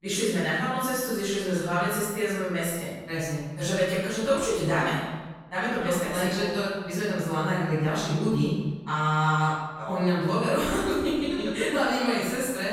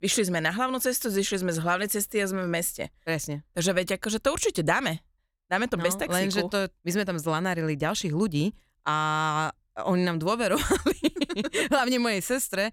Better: second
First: off-mic speech; far // room echo; strong; dies away in 1.2 s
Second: none

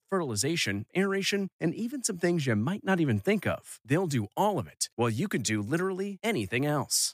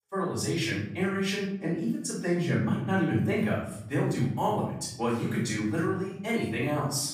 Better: first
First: none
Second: off-mic speech; far // room echo; noticeable; dies away in 0.8 s

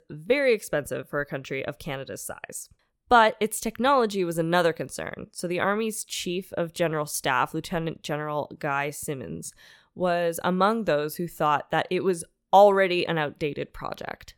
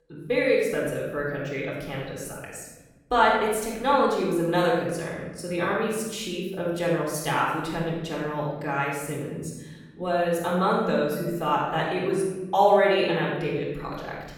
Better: first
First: none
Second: room echo; noticeable; dies away in 1.2 s // off-mic speech; far

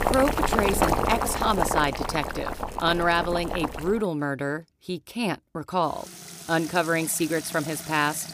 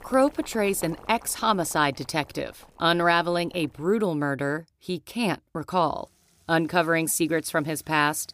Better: second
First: household noises; loud; throughout; 3 dB below the speech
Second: household noises; faint; throughout; 25 dB below the speech

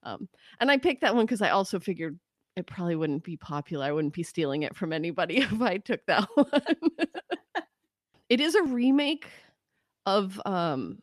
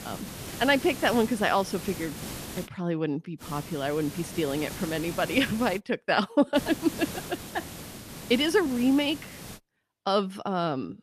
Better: first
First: none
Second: hiss; noticeable; until 2.5 s, from 3.5 to 6 s and from 6.5 to 9.5 s; 10 dB below the speech

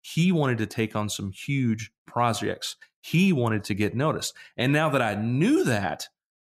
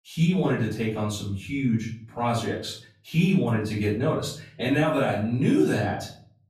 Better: first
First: none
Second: off-mic speech; far // room echo; noticeable; dies away in 0.5 s

